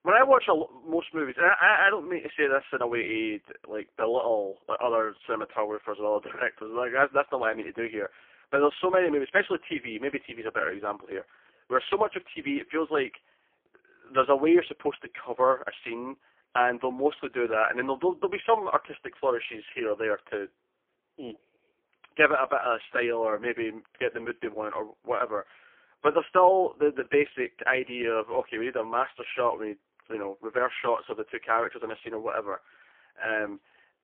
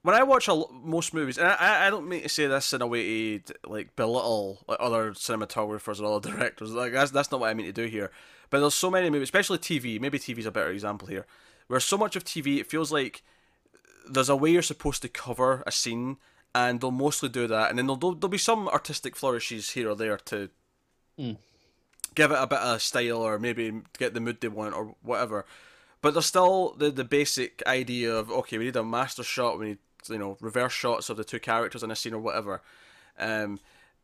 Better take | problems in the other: second | phone-call audio; poor line; nothing above 3 kHz

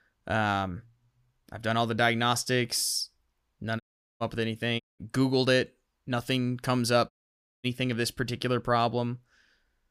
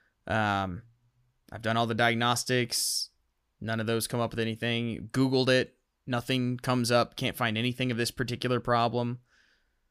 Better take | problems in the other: second | audio cutting out; at 4 s, at 5 s and at 7 s for 0.5 s

